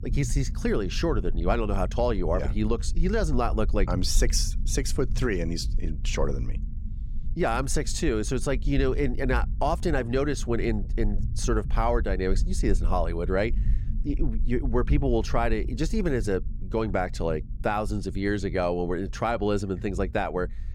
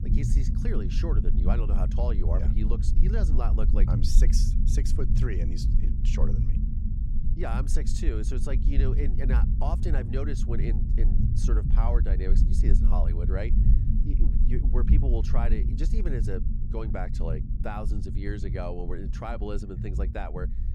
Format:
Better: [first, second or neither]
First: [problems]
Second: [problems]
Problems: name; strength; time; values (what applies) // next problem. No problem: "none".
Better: first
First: low rumble; faint; throughout; 20 dB below the speech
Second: low rumble; loud; throughout; 5 dB below the speech